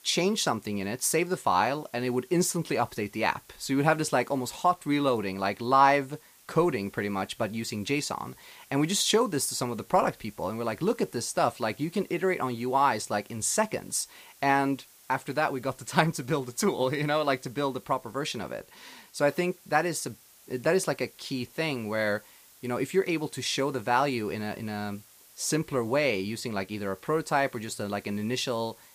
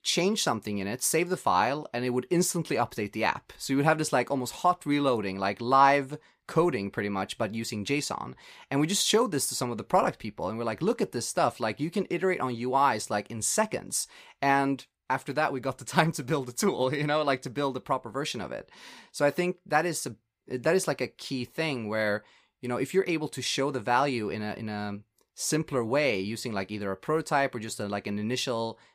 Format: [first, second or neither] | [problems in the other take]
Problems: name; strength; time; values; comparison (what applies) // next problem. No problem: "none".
second | hiss; faint; throughout; 25 dB below the speech